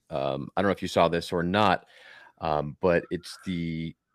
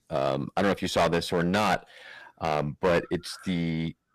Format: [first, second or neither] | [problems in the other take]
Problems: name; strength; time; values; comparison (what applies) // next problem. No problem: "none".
first | distortion; heavy; 9% of the sound clipped